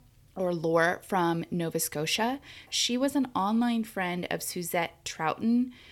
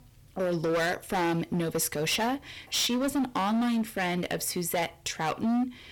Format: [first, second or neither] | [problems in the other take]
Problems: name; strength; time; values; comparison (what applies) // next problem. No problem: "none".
first | distortion; heavy; 18% of the sound clipped